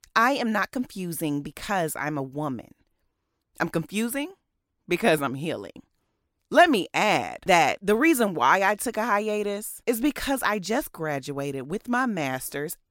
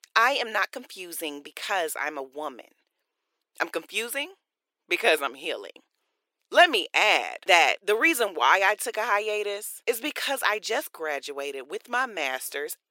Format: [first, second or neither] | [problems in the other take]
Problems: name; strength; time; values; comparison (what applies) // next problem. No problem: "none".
first | thin; very; fading below 400 Hz